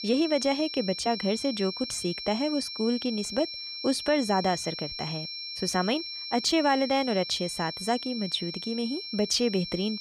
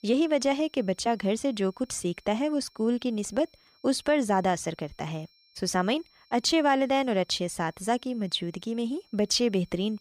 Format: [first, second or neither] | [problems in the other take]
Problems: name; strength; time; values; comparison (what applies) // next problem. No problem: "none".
second | high-pitched whine; loud; throughout; 5.5 kHz, 6 dB below the speech; faint in the second